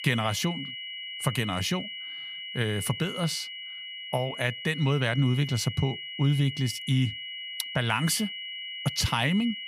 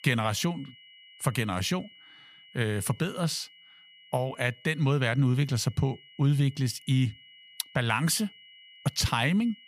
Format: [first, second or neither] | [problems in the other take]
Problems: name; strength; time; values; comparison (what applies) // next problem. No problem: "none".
second | high-pitched whine; loud; throughout; 3 kHz, 7 dB below the speech; faint in the second